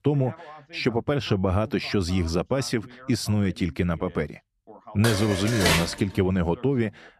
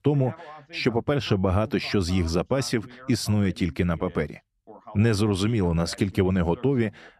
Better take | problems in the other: second | clattering dishes; loud; at 5 s; peak 3 dB above the speech

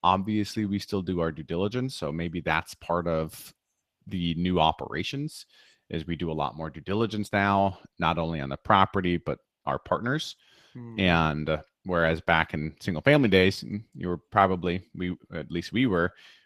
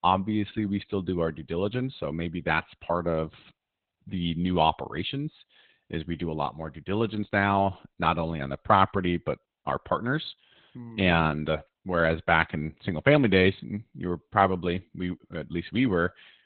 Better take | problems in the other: first | garbled, watery; badly; nothing above 4 kHz; slightly in the first

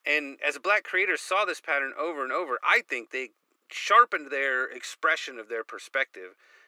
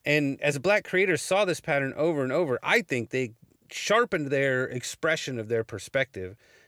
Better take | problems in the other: second | thin; very; fading below 300 Hz

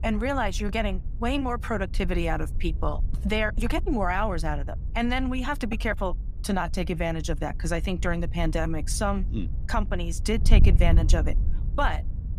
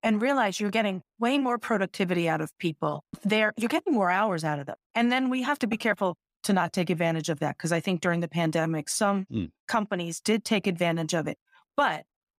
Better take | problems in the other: second | wind noise on the microphone; occasional gusts; 20 dB below the speech

